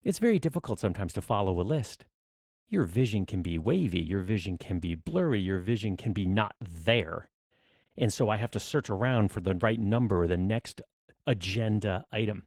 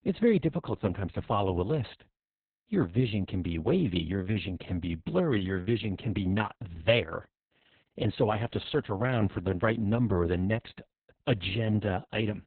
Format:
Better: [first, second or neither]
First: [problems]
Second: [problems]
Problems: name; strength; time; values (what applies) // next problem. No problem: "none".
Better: first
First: garbled, watery; slightly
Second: garbled, watery; badly; nothing above 4 kHz